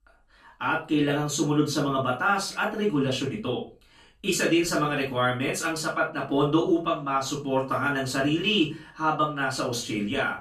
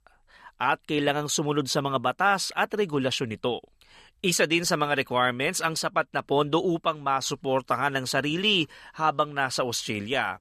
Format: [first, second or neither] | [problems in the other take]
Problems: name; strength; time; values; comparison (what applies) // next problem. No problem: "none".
second | off-mic speech; far // room echo; slight; dies away in 0.3 s